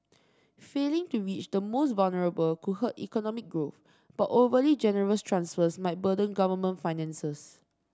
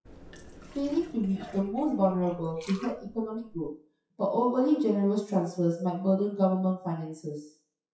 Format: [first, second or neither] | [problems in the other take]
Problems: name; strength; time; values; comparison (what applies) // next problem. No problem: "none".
first | noise reduction (classical method WPE with log-MMSE)